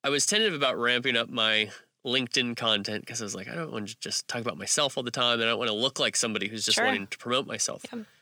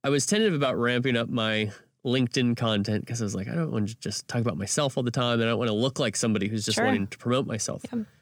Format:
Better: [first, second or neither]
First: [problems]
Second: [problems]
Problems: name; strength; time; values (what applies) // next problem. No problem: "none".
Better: second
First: thin; somewhat; fading below 650 Hz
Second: none